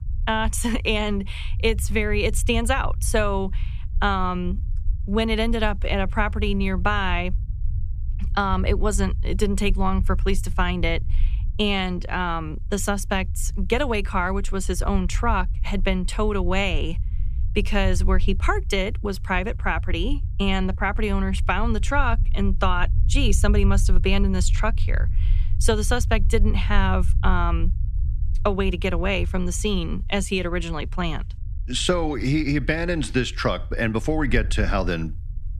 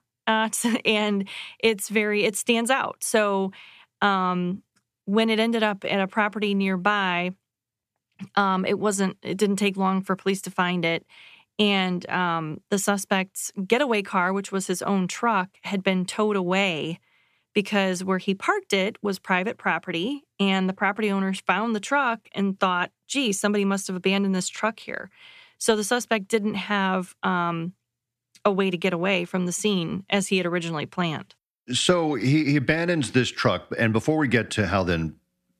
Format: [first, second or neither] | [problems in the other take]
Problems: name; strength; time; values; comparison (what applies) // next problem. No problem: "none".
second | low rumble; faint; throughout; 20 dB below the speech